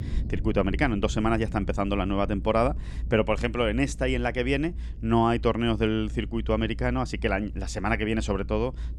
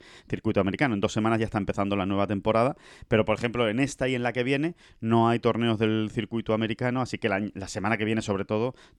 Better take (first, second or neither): second